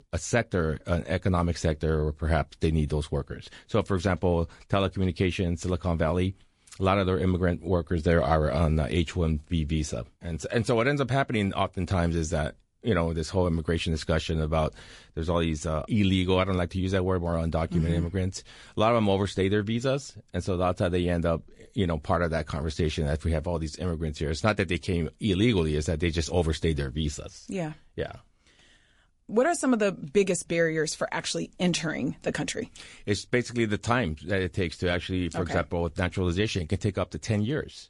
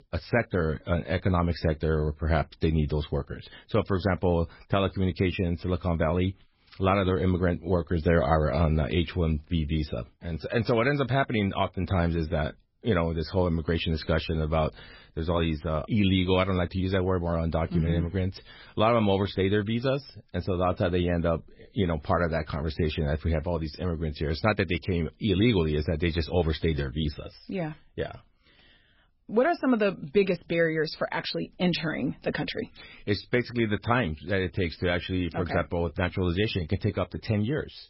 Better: first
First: garbled, watery; slightly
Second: garbled, watery; badly; nothing above 5.5 kHz

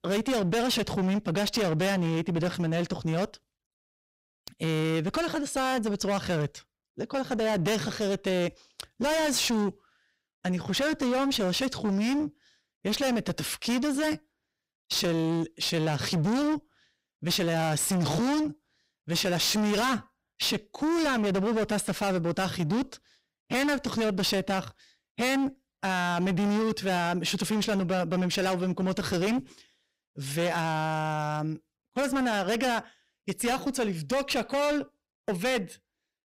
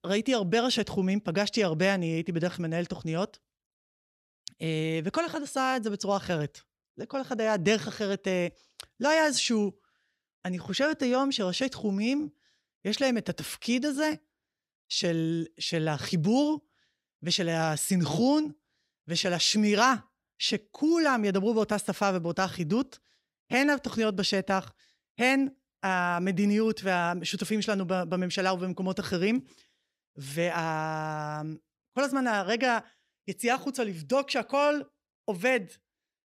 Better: second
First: distortion; heavy; 26% of the sound clipped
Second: none

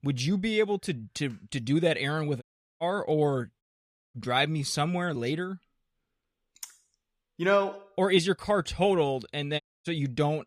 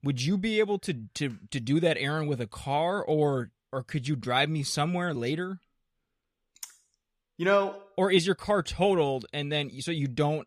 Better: second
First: audio cutting out; at 2.5 s, at 3.5 s for 0.5 s and at 9.5 s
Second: none

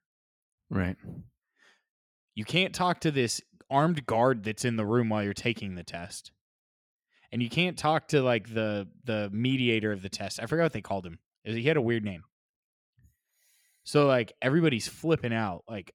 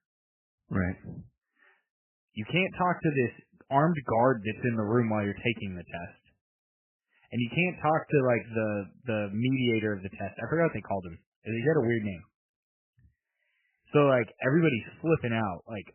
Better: first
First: none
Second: garbled, watery; badly; nothing above 3 kHz

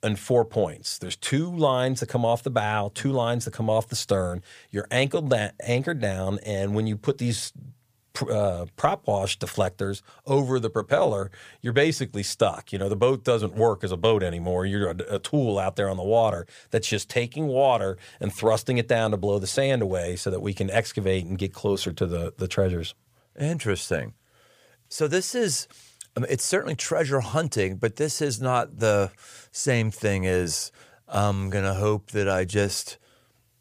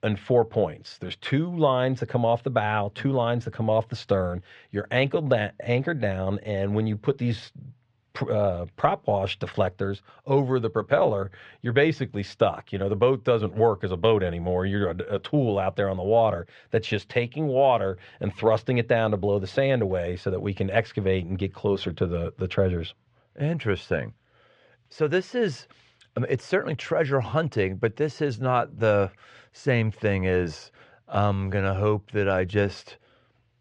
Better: first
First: none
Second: muffled; slightly; fading above 3 kHz

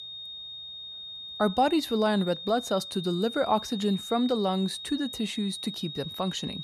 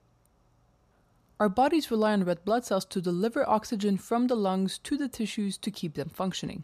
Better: second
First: high-pitched whine; loud; throughout; 3.5 kHz, 9 dB below the speech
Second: none

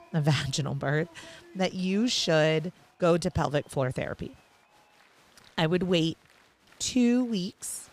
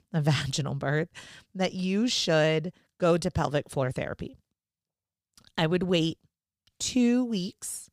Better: second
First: crowd noise; faint; throughout; 30 dB below the speech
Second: none

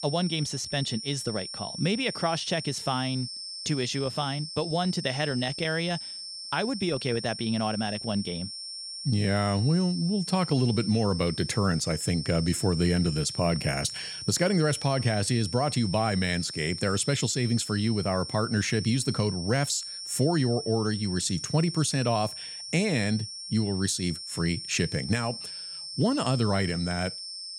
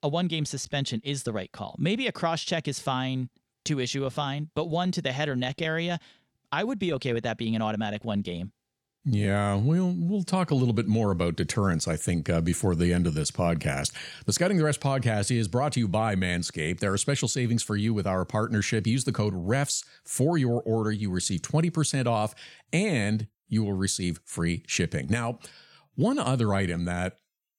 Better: second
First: high-pitched whine; loud; throughout; 5.5 kHz, 8 dB below the speech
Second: none

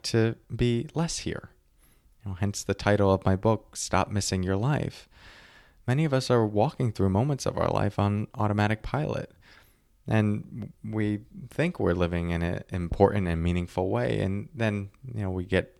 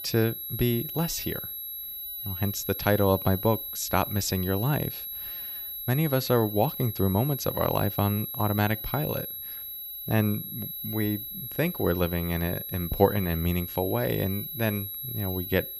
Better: first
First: none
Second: high-pitched whine; loud; throughout; 11.5 kHz, 6 dB below the speech

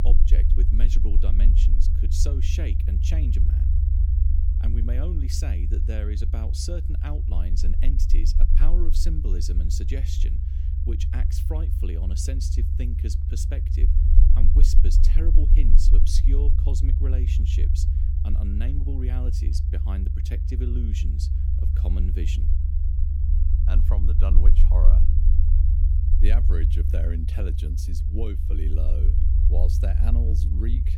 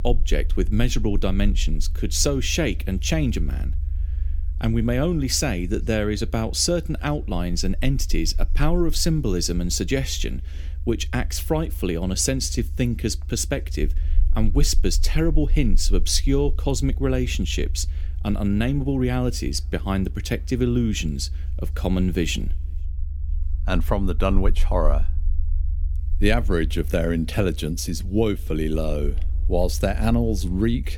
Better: second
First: low rumble; loud; throughout; 2 dB below the speech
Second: low rumble; faint; throughout; 25 dB below the speech

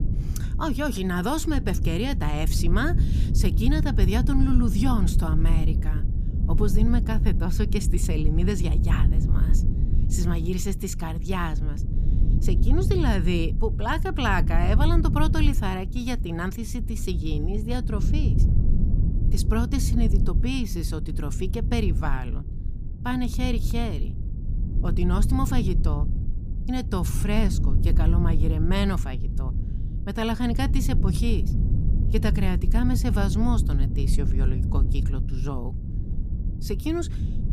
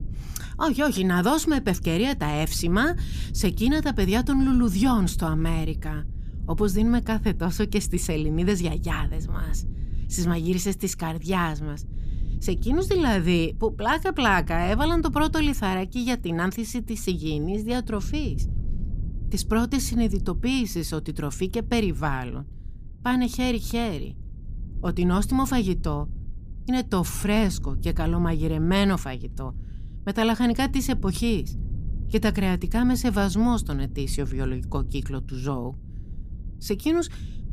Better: second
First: low rumble; loud; throughout; 9 dB below the speech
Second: low rumble; faint; throughout; 20 dB below the speech

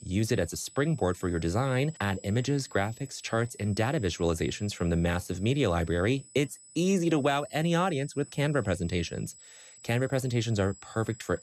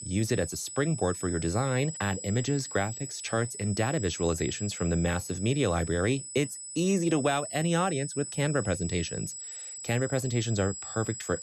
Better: first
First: high-pitched whine; faint; throughout; 8 kHz, 20 dB below the speech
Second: high-pitched whine; loud; throughout; 8 kHz, 8 dB below the speech

